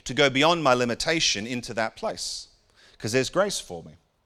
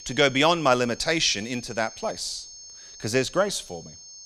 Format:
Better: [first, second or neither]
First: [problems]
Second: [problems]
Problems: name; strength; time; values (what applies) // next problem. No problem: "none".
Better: first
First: none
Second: high-pitched whine; noticeable; throughout; 6.5 kHz, 20 dB below the speech